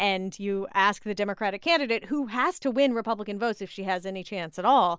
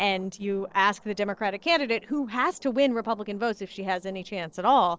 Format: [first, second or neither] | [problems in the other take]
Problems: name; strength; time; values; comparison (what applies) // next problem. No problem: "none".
first | noise reduction (neural separator model SepFormer DNS4)